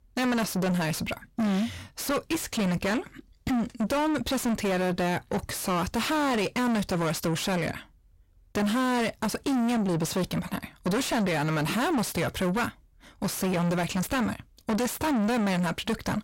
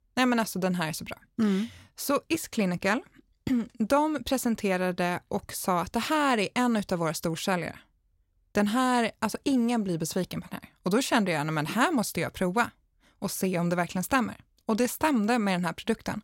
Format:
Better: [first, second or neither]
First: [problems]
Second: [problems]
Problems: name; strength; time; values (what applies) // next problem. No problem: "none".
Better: second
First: distortion; heavy; 6 dB below the speech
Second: none